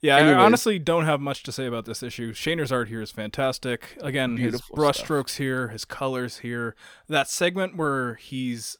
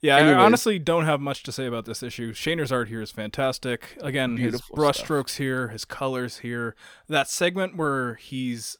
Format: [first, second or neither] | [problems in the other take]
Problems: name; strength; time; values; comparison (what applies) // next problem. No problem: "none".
neither | none